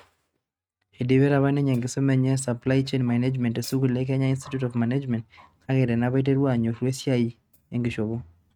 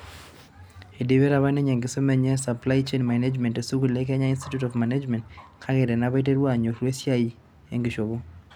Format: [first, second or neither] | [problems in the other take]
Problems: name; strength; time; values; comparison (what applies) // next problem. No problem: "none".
second | noise reduction (neural mask model RNNoise)